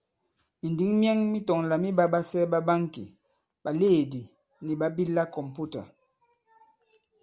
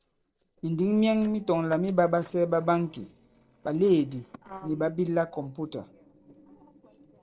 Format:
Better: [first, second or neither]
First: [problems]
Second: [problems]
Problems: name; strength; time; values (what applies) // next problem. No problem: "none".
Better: first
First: none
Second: noise reduction (neural separator model SepFormer DNS4)